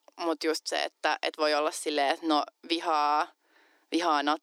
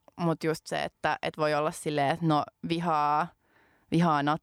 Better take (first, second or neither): second